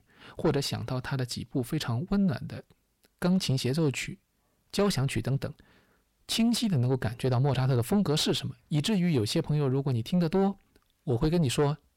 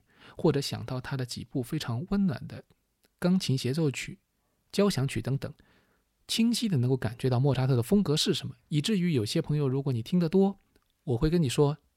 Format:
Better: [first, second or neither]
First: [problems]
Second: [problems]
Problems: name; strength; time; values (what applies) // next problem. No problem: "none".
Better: second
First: distortion; slight; 10 dB below the speech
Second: none